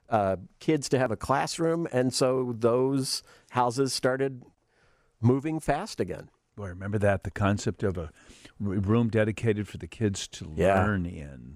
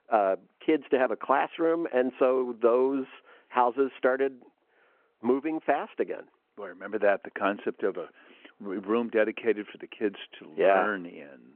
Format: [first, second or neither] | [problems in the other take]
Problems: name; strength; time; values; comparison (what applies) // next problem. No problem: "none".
first | phone-call audio